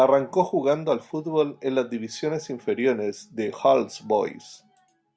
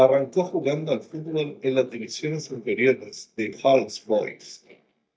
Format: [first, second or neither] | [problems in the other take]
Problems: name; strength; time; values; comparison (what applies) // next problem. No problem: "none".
first | noise reduction (neural mask model DeepFilterNet 3)